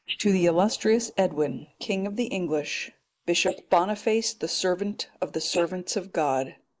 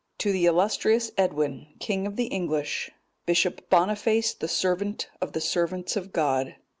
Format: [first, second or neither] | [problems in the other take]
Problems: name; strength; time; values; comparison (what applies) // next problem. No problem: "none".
second | noise reduction (neural mask model Resemble Enhance denoiser)